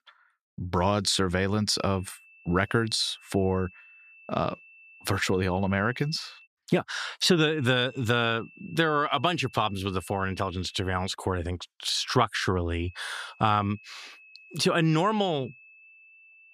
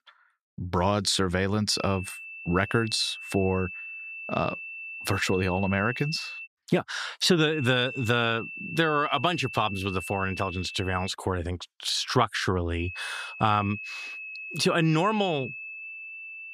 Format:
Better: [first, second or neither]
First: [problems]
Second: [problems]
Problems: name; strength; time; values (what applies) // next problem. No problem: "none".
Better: first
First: high-pitched whine; faint; from 1.5 to 6.5 s, from 7.5 to 11 s and from 13 s on; 2.5 kHz, 25 dB below the speech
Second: high-pitched whine; loud; from 1.5 to 6.5 s, from 7.5 to 11 s and from 13 s on; 2.5 kHz, 10 dB below the speech